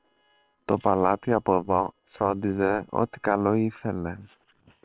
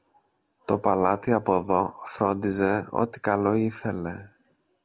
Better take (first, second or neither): second